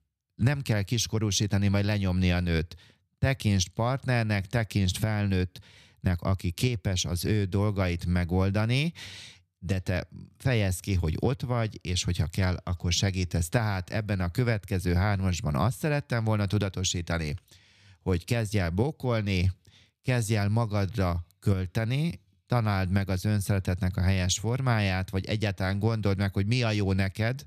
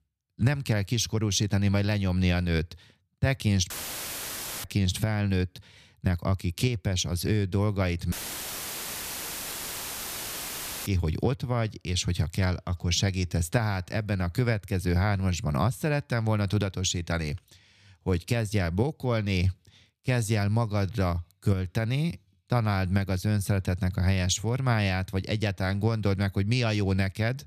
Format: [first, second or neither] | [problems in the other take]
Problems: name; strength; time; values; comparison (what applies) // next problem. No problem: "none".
first | audio cutting out; filled with static; at 3.5 s for 1 s and at 8 s for 2.5 s